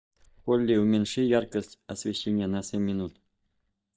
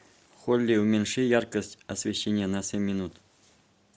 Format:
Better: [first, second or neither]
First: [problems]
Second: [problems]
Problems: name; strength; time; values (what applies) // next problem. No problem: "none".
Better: second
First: noise reduction (neural mask model DeepFilterNet 3)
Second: none